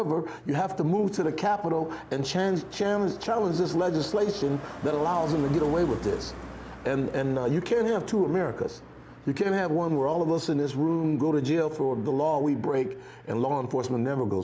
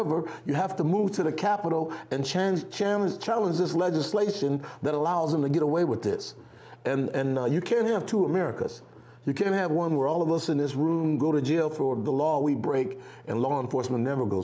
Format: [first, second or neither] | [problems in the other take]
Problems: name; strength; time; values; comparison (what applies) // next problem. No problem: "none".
second | background sound (Car passing by); 18 dB below the speech